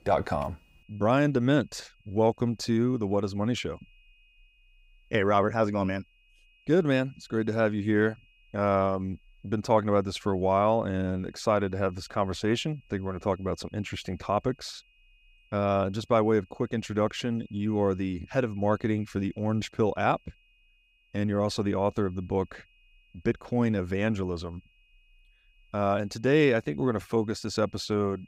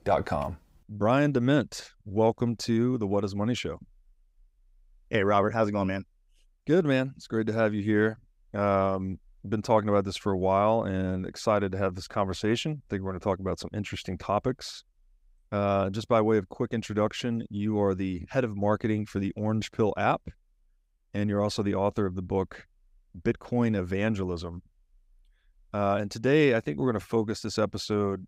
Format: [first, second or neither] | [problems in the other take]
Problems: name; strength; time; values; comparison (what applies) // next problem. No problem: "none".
second | high-pitched whine; faint; throughout; 2.5 kHz, 35 dB below the speech